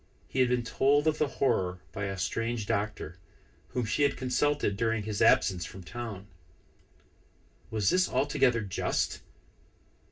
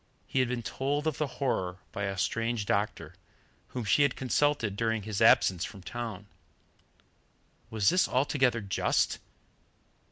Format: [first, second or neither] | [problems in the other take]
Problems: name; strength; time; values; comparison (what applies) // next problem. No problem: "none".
second | room echo; dies away in 0.2 s